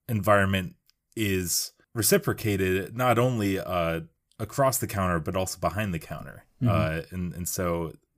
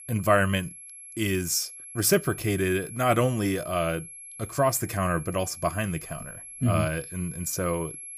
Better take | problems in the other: first | high-pitched whine; noticeable; throughout; 11 kHz, 15 dB below the speech

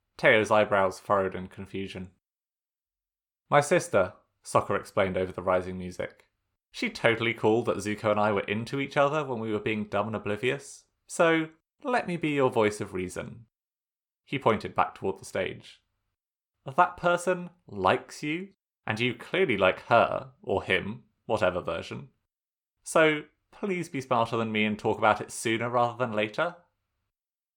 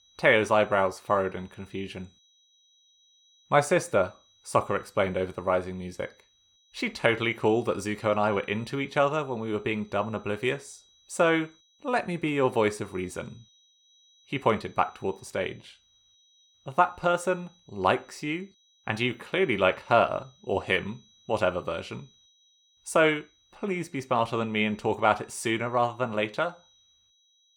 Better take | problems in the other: first | high-pitched whine; faint; throughout; 4 kHz, 35 dB below the speech

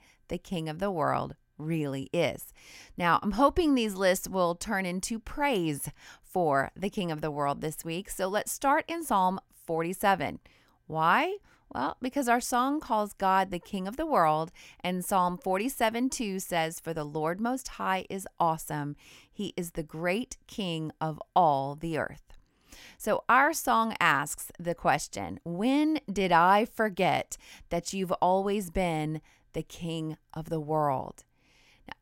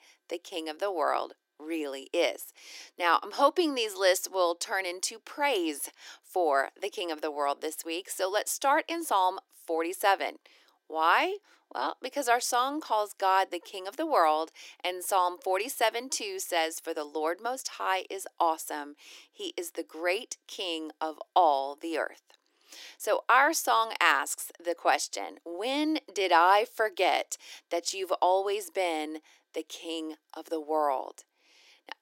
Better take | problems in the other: first | thin; somewhat; fading below 300 Hz

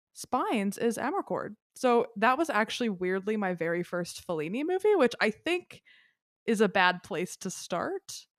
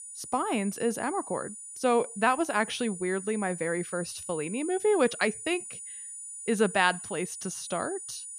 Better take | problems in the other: first | high-pitched whine; loud; throughout; 9.5 kHz, 10 dB below the speech

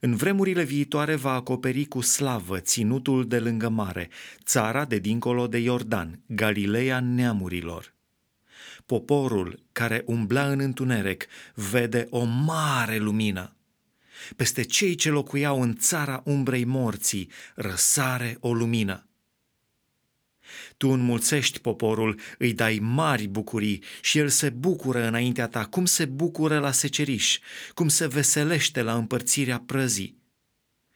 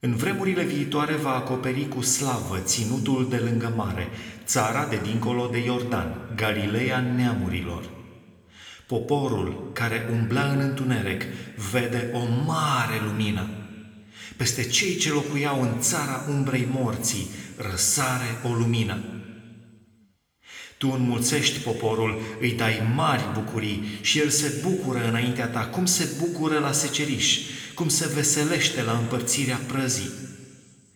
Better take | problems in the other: first | room echo; slight; dies away in 1.6 s

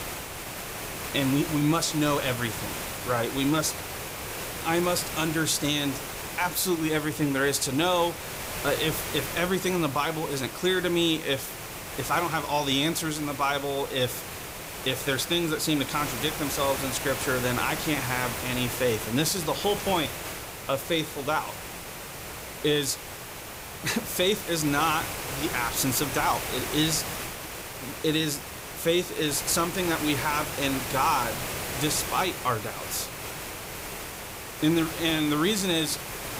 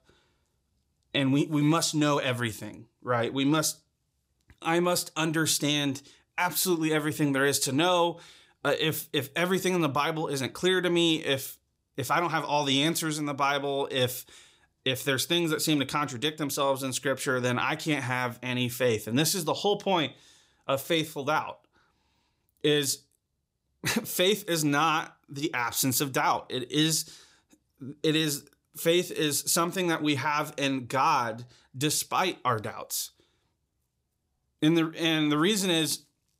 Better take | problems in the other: second | hiss; loud; throughout; 7 dB below the speech

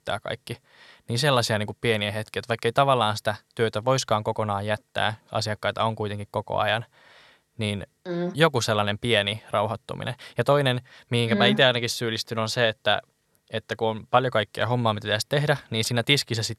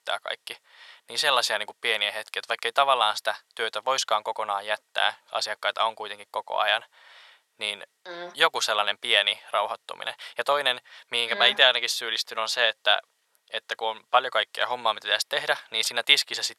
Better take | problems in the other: first | thin; very; fading below 850 Hz

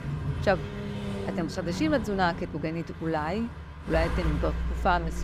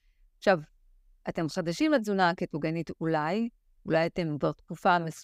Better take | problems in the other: second | traffic noise; loud; throughout; 5 dB below the speech

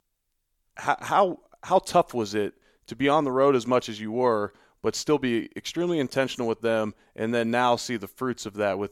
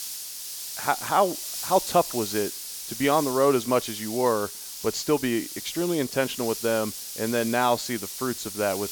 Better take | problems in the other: first | hiss; loud; throughout; 7 dB below the speech

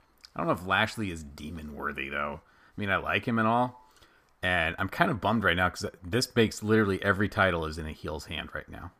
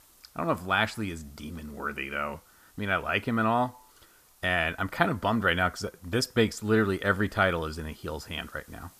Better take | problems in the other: first | hiss; faint; throughout; 30 dB below the speech

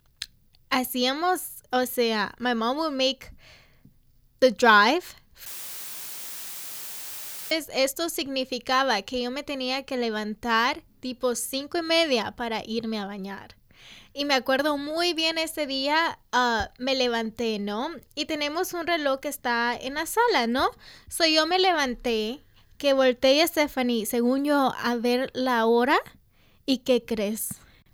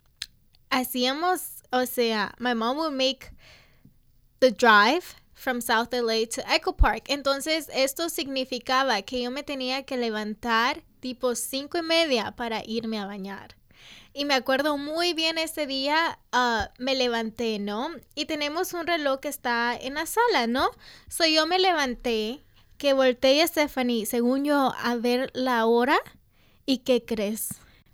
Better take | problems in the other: second | audio cutting out; filled with static; at 5.5 s for 2 s

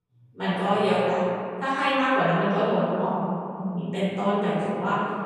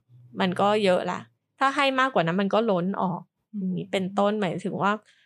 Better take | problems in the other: second | room echo; strong; dies away in 2.2 s // off-mic speech; far

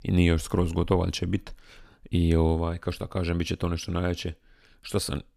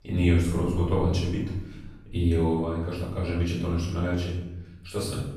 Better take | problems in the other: first | off-mic speech; far // room echo; noticeable; dies away in 0.9 s

